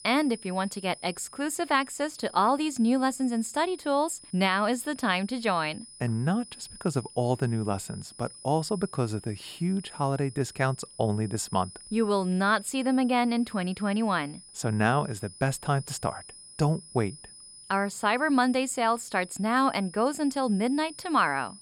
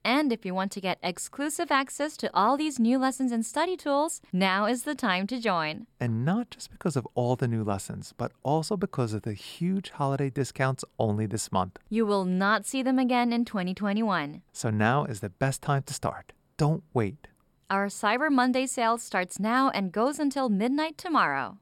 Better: second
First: high-pitched whine; noticeable; throughout; 9.5 kHz, 20 dB below the speech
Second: none

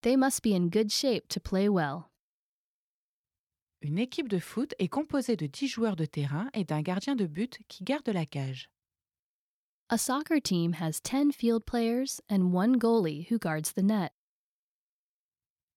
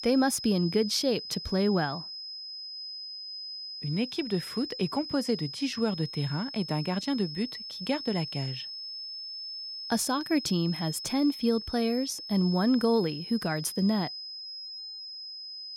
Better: first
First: none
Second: high-pitched whine; loud; throughout; 5 kHz, 8 dB below the speech

